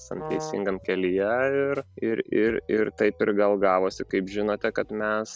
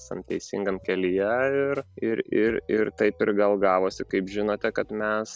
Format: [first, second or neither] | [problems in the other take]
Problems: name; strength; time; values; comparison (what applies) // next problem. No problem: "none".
second | background sound (Brass instrument); 10 dB below the speech